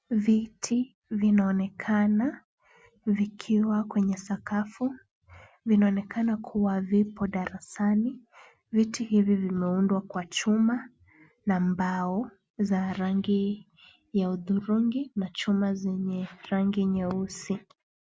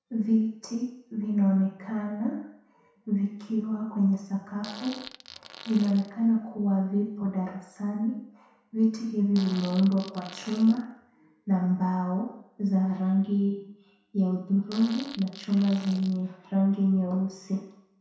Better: first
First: none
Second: background sound (Fart); 18 dB below the speech // room echo; dies away in 0.7 s

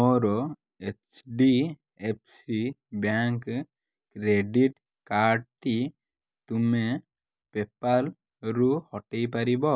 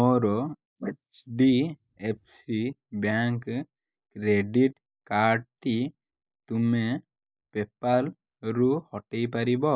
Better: first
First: none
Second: noise reduction (neural mask model Resemble Enhance denoiser)

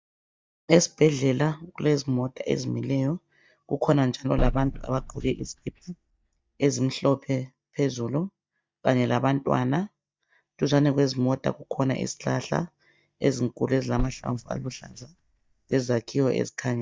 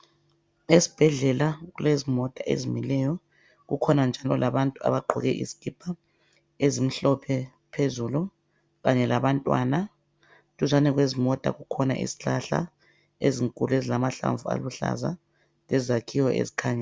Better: second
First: noise reduction (neural mask model DeepFilterNet 3)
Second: none

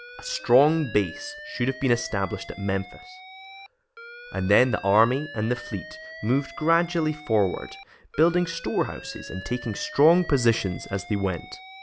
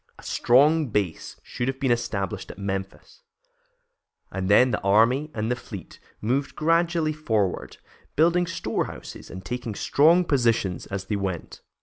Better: second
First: background sound (Alarm); 17 dB below the speech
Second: none

